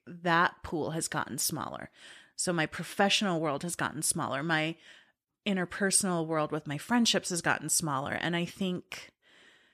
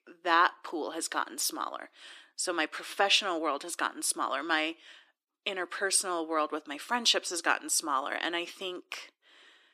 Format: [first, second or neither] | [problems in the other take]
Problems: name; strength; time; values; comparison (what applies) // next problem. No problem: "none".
first | thin; very; fading below 300 Hz